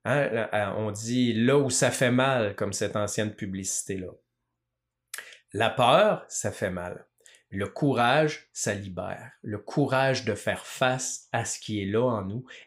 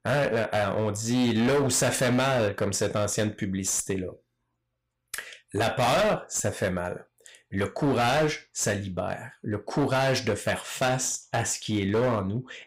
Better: first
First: none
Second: distortion; heavy; 14% of the sound clipped

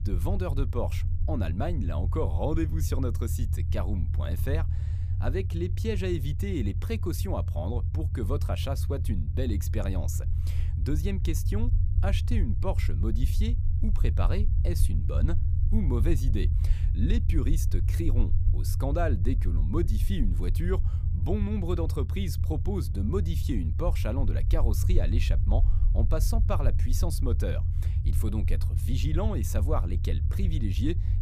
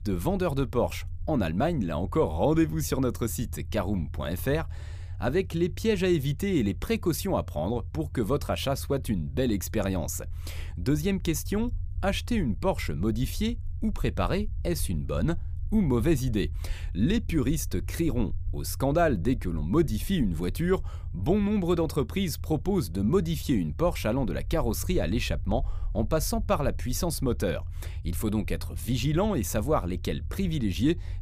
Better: second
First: low rumble; loud; throughout; 9 dB below the speech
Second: low rumble; faint; throughout; 25 dB below the speech

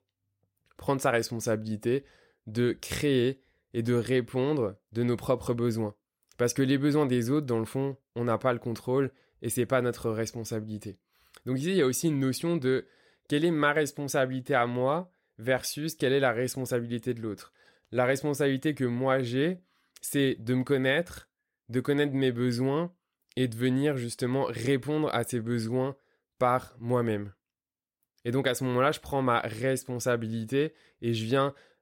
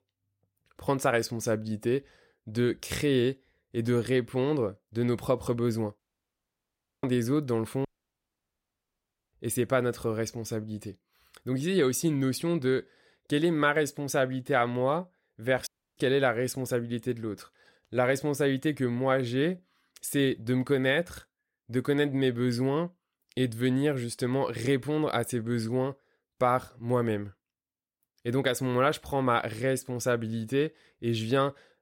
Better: first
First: none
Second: audio cutting out; at 6 s for 1 s, at 8 s for 1.5 s and at 16 s

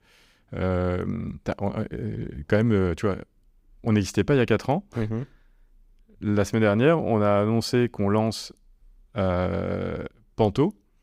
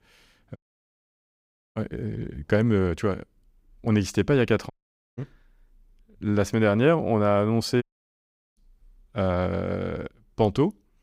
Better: first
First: none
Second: audio cutting out; at 0.5 s for 1 s, at 4.5 s and at 8 s for 0.5 s

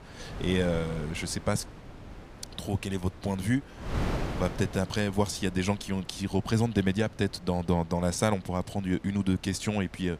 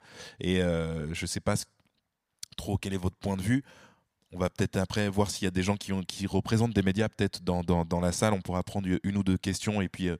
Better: second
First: wind noise on the microphone; occasional gusts; 10 dB below the speech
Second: none

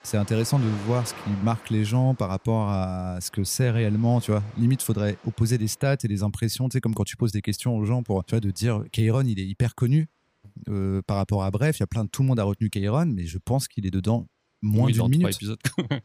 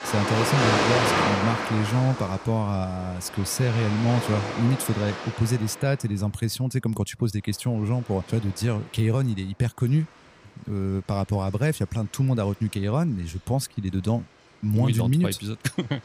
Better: first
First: rain or running water; faint; throughout; 20 dB below the speech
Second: rain or running water; loud; throughout; 1 dB below the speech

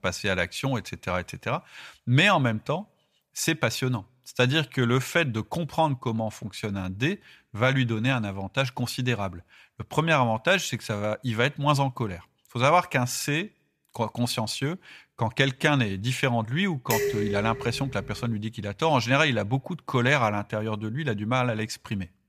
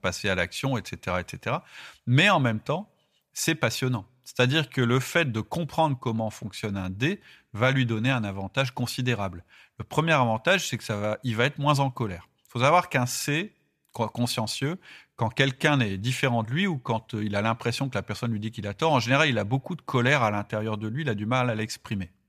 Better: second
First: clattering dishes; noticeable; from 17 to 18 s; peak 1 dB below the speech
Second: none

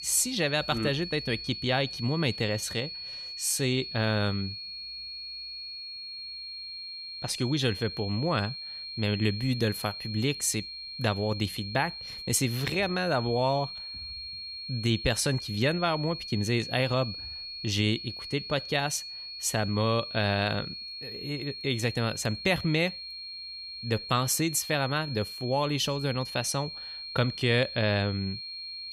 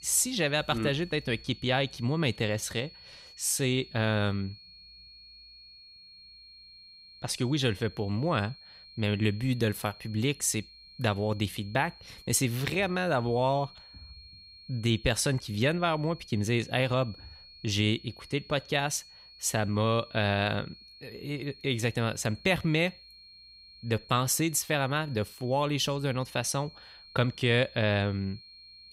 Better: second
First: high-pitched whine; loud; throughout; 4.5 kHz, 8 dB below the speech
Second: high-pitched whine; faint; throughout; 4.5 kHz, 20 dB below the speech

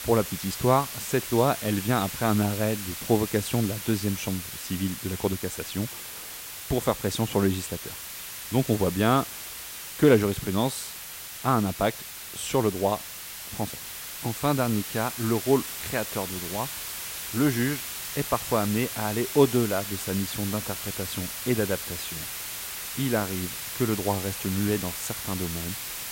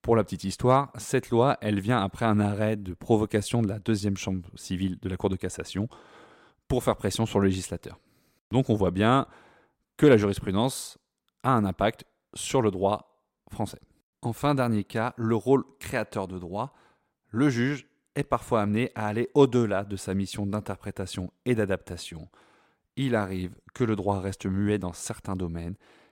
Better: second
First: hiss; loud; throughout; 6 dB below the speech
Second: none

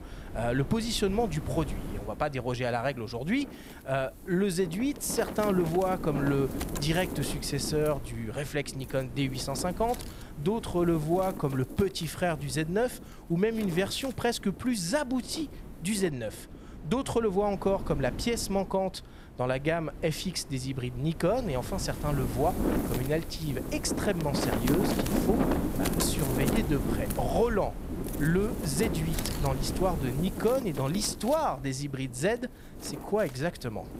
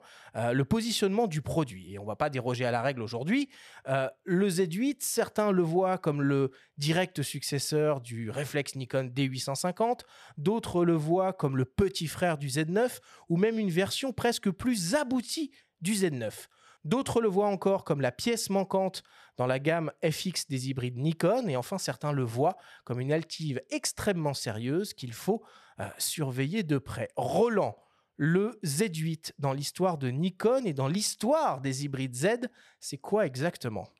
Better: second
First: wind noise on the microphone; heavy; 7 dB below the speech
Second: none

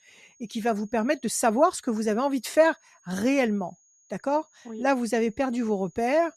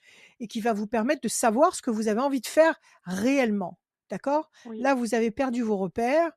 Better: second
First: high-pitched whine; faint; throughout; 6.5 kHz, 30 dB below the speech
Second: none

